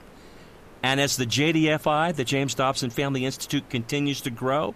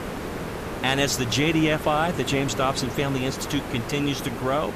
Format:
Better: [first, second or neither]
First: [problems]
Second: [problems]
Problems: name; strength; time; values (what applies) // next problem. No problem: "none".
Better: first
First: hiss; faint; throughout; 25 dB below the speech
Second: hiss; loud; throughout; 8 dB below the speech